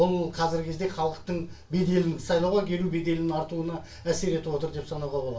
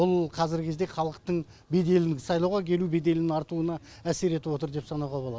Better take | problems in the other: second | room echo; dies away in 0.3 s

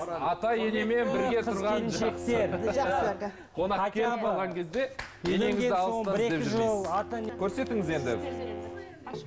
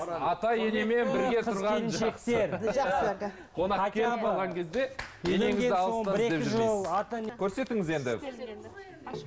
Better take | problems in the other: second | background sound (Bowed string instrument); 12 dB below the speech

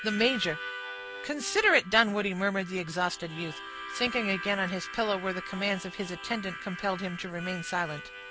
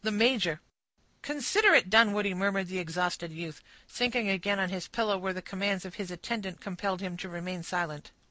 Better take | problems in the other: second | background sound (Harmonica); 11 dB below the speech

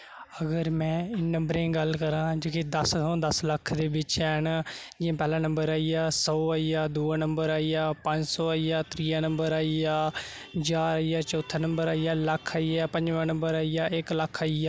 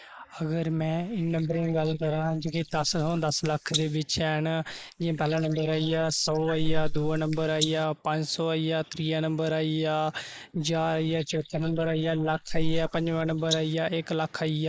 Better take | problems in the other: first | noise reduction (neural mask model Resemble Enhance denoiser)

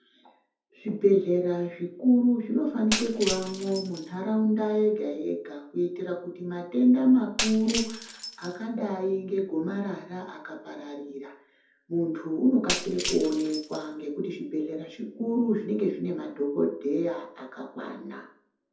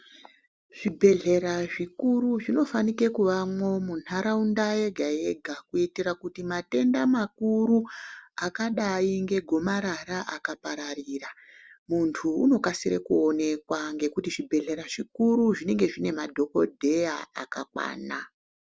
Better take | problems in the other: second | background sound (Shatter); 9 dB below the speech // room echo; dies away in 0.5 s

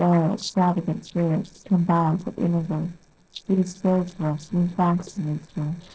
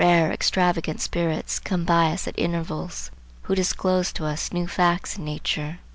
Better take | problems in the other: second | noise reduction (neural separator model SepFormer DNS4)

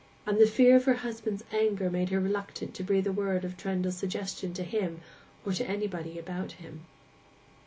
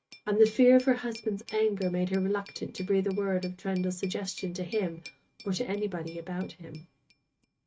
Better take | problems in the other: first | noise reduction (neural mask model RNNoise)

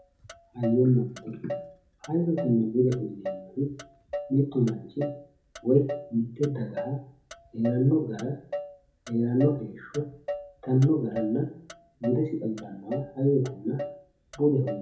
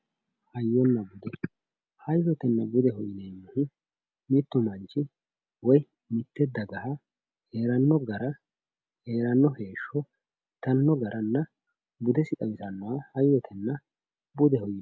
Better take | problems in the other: second | background sound (Motor vehicle (road)); 12 dB below the speech // room echo; dies away in 0.6 s

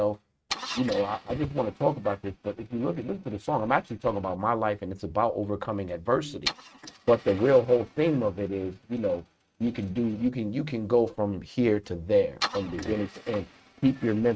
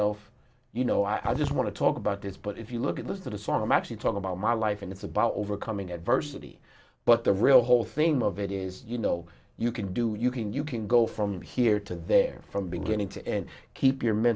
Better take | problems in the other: second | noise reduction (neural mask model RNNoise)

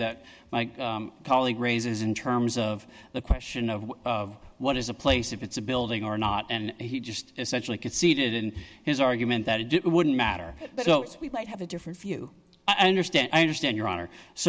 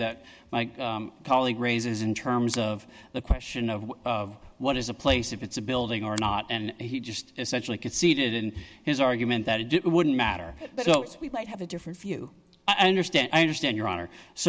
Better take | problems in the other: first | background sound (Finger snapping); 20 dB below the speech

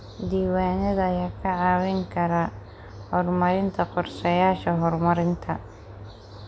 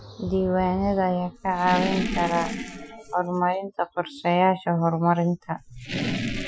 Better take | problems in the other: first | noise reduction (classical method Wiener filter)

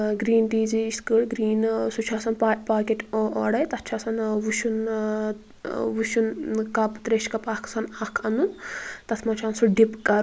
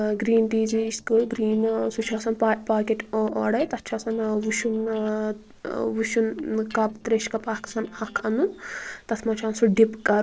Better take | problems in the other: first | noise reduction (neural separator model SepFormer DNS4)

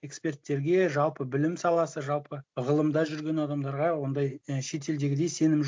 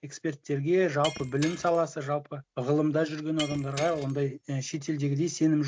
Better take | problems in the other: first | background sound (Shatter); 15 dB below the speech

